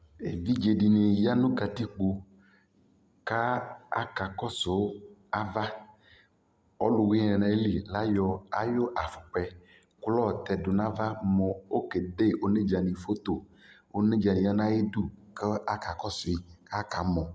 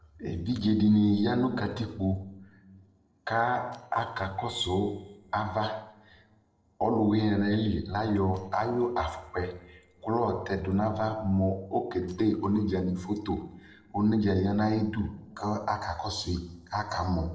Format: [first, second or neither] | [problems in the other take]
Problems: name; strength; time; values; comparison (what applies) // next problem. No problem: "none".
first | noise reduction (neural separator model SepFormer DNS4)